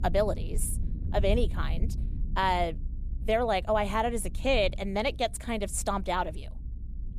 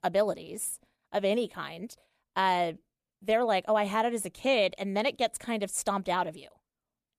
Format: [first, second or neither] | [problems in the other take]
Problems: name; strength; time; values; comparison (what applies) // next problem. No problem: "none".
second | low rumble; faint; throughout; 25 dB below the speech